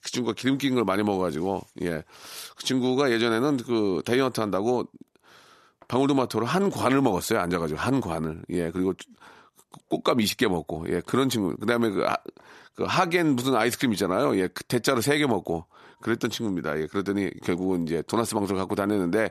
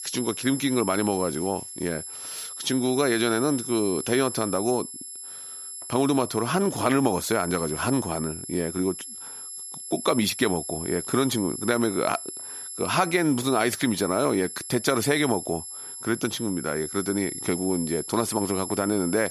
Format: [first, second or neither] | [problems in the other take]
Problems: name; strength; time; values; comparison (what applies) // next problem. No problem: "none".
first | high-pitched whine; loud; throughout; 11 kHz, 8 dB below the speech